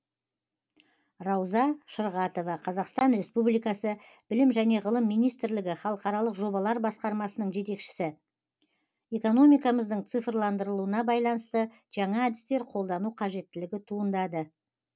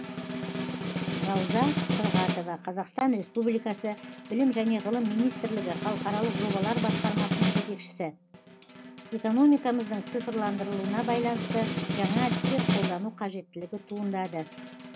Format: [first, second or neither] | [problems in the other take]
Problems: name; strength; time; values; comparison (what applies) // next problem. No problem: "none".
first | background sound (Snare drum); 2 dB below the speech